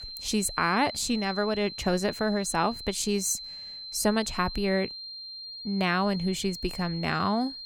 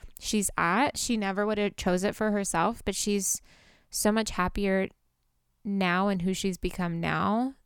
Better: second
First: high-pitched whine; loud; throughout; 4 kHz, 10 dB below the speech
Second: none

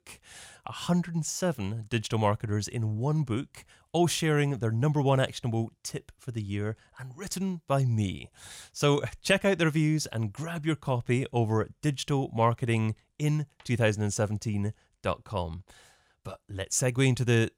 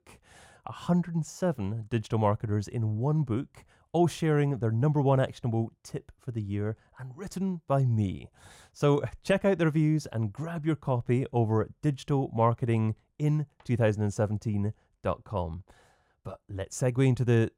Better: first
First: none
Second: muffled; slightly; fading above 1.5 kHz

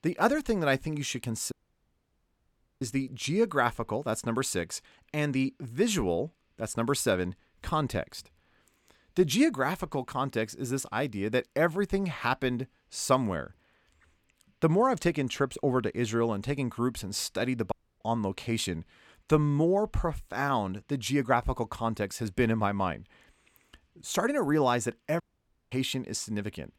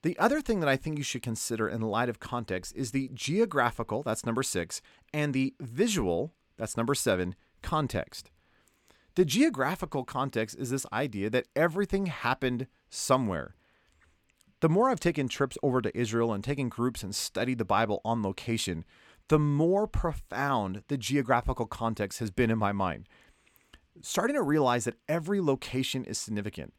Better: second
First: audio cutting out; at 1.5 s for 1.5 s, at 18 s and at 25 s for 0.5 s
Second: none

